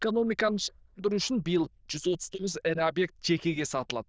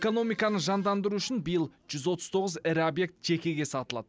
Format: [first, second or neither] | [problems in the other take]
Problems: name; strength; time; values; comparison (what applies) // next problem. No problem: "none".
second | noise reduction (neural diffusion model UNIVERSE++)